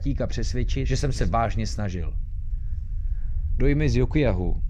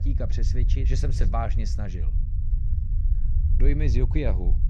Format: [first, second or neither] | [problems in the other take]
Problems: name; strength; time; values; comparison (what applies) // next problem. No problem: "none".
first | low rumble; loud; throughout; 10 dB below the speech; faint in the first